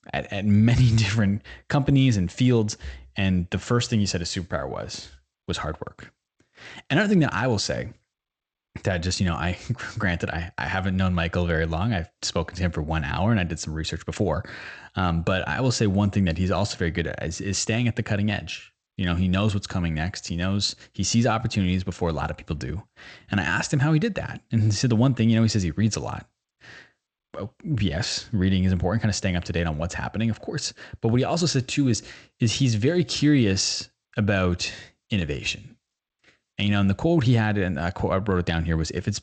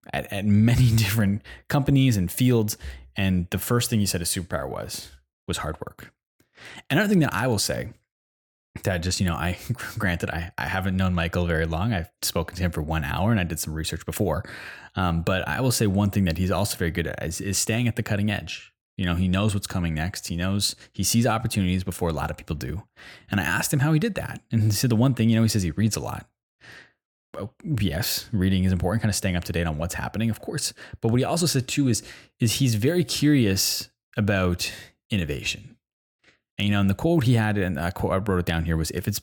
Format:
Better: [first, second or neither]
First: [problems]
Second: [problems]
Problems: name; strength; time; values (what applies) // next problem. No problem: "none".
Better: second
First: garbled, watery; slightly; nothing above 8 kHz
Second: none